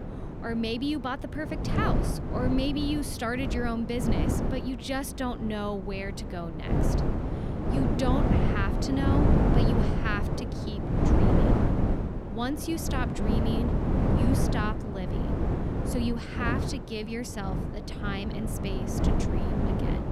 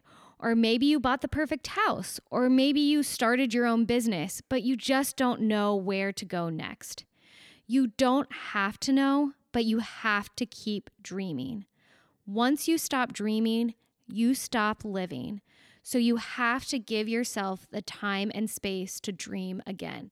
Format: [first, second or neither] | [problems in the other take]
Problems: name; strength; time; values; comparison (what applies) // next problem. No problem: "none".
second | wind noise on the microphone; heavy; as loud as the speech